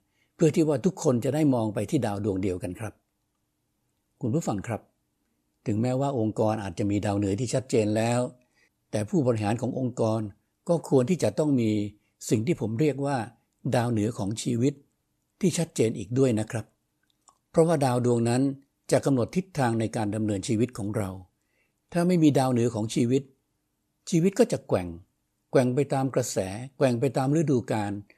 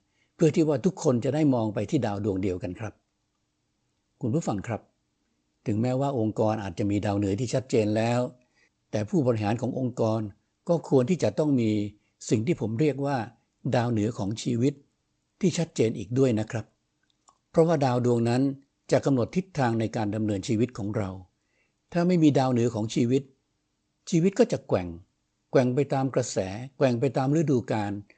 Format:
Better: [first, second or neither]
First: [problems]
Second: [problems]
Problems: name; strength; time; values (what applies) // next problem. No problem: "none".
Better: first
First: none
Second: garbled, watery; slightly; nothing above 8 kHz